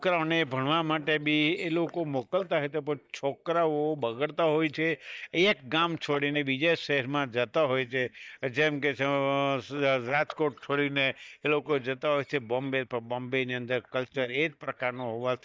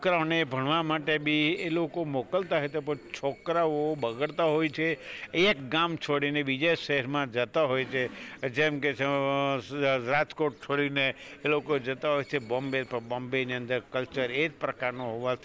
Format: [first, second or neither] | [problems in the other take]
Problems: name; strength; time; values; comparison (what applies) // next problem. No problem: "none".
second | noise reduction (neural mask model DeepFilterNet 3)